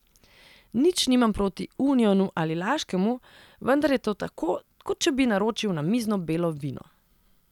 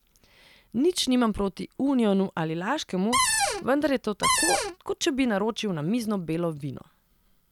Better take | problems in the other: first | background sound (Cupboard open or close); 3 dB above the speech

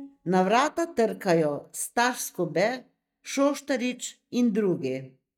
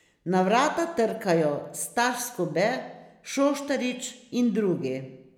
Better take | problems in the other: second | noise reduction (neural mask model DeepFilterNet 3)

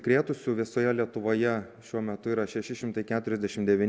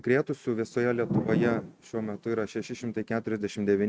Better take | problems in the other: first | noise reduction (neural mask model RNNoise)

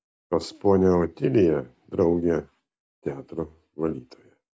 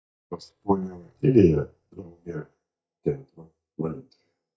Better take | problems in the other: first | noise reduction (neural mask model DeepFilterNet 3)

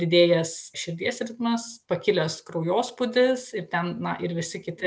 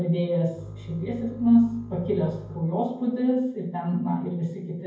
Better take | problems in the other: first | background sound (Bowed string instrument); 16 dB below the speech // room echo; dies away in 0.9 s

